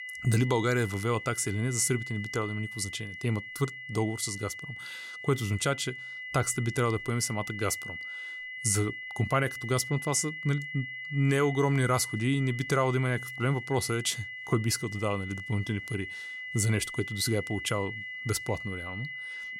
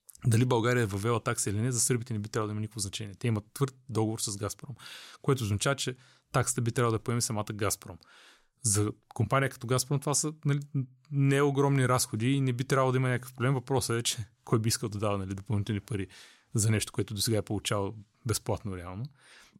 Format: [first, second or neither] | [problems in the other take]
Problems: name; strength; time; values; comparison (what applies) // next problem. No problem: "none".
second | high-pitched whine; loud; throughout; 2 kHz, 8 dB below the speech